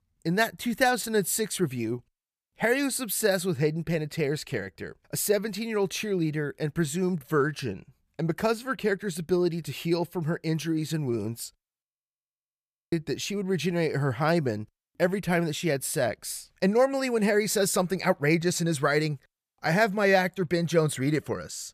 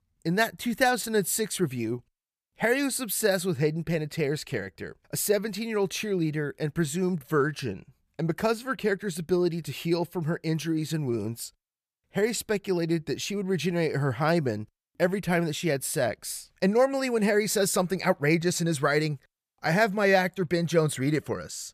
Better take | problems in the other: second | audio freezing; at 12 s for 1 s

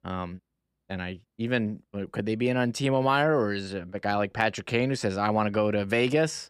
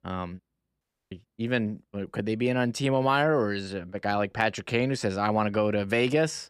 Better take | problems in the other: first | audio cutting out; at 1 s

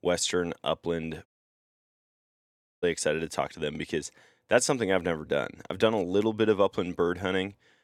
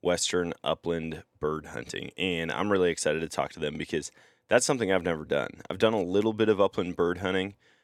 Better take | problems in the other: second | audio cutting out; at 1.5 s for 1.5 s

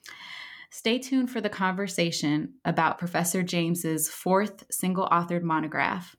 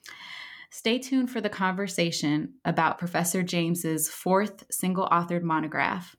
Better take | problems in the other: neither | none

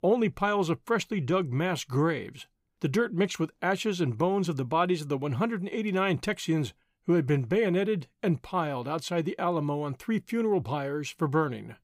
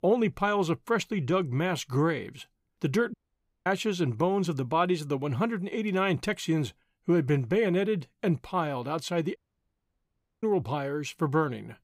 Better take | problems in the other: first | audio cutting out; at 3 s for 0.5 s and at 9.5 s for 1 s

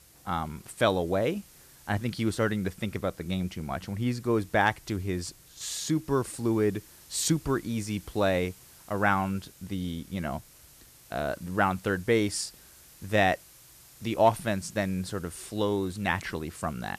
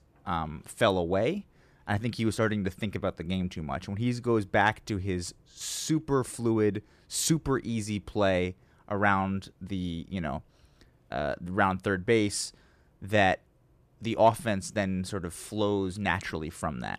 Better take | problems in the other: second | hiss; faint; throughout; 25 dB below the speech

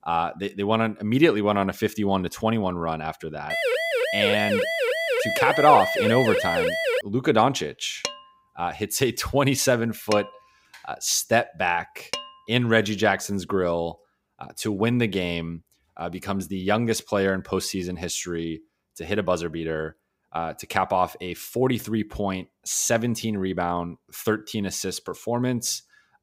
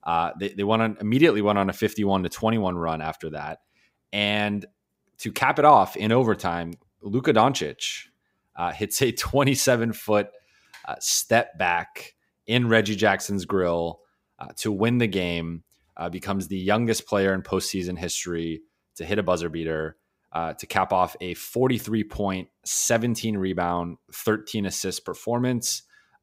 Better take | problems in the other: second | siren; loud; from 3.5 to 7 s; peak 1 dB above the speech // clattering dishes; noticeable; from 8 to 12 s; peak 7 dB below the speech

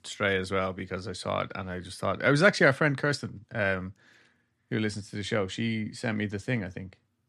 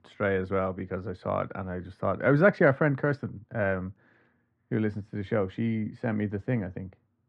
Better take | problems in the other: first | muffled; very; fading above 3 kHz

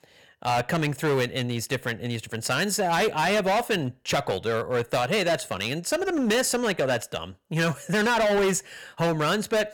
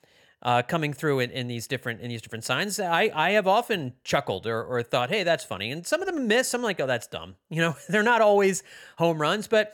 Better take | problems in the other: second | distortion; heavy; 16% of the sound clipped

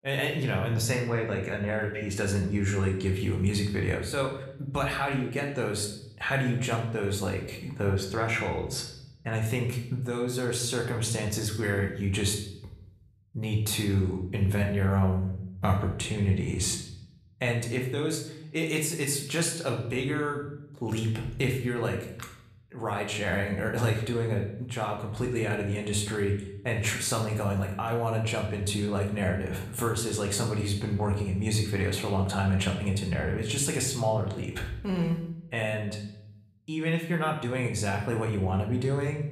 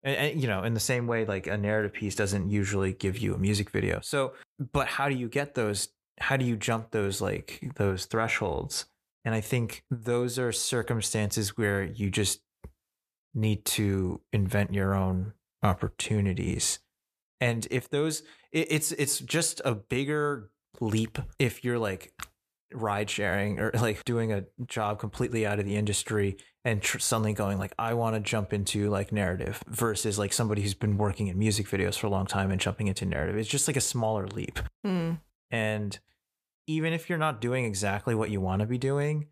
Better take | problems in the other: second | room echo; slight; dies away in 0.7 s // off-mic speech; somewhat distant

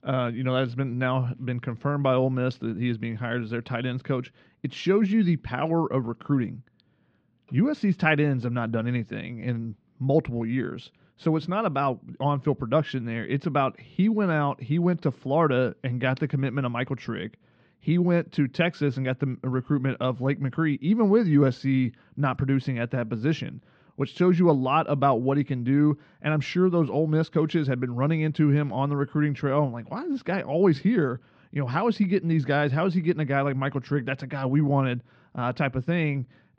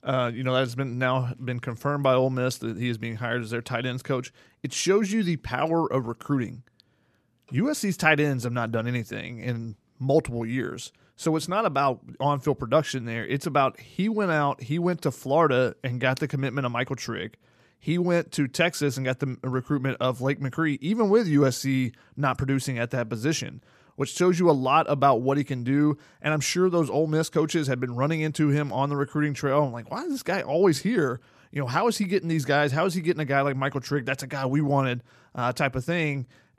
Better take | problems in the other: second | muffled; slightly; fading above 4 kHz

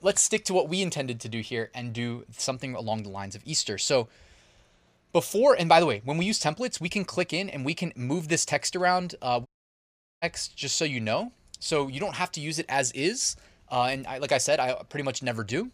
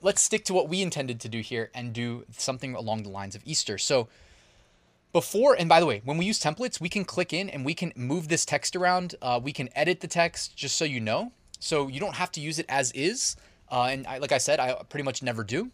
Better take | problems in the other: second | audio cutting out; at 9.5 s for 1 s

